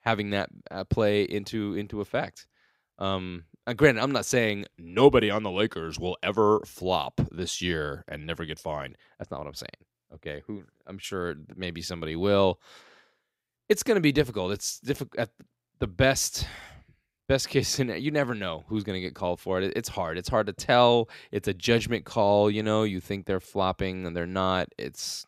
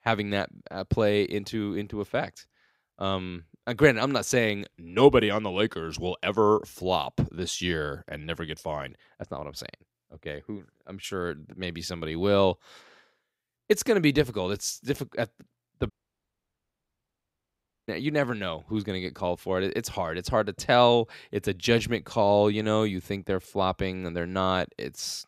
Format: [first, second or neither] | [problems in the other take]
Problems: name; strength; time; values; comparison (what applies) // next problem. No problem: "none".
first | audio cutting out; at 16 s for 2 s